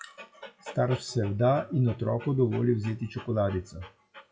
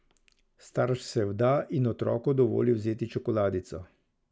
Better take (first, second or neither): second